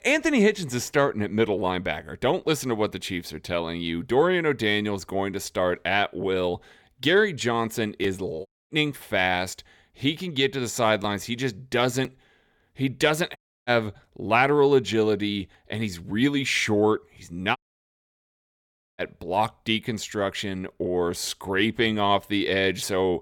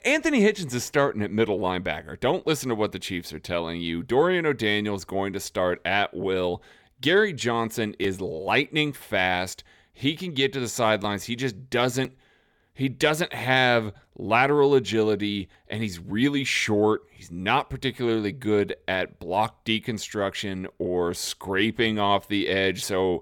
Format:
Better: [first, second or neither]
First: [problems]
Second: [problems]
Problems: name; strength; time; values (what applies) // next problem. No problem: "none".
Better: second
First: audio cutting out; at 8.5 s, at 13 s and at 18 s for 1.5 s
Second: none